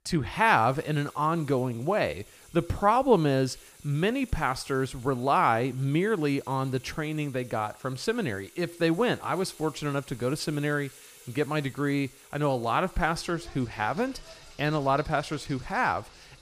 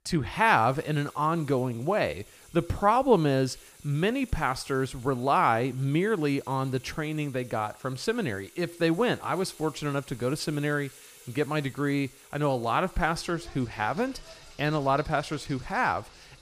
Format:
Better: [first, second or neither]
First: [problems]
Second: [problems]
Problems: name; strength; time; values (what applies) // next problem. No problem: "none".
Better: neither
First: household noises; faint; throughout; 25 dB below the speech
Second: household noises; faint; throughout; 25 dB below the speech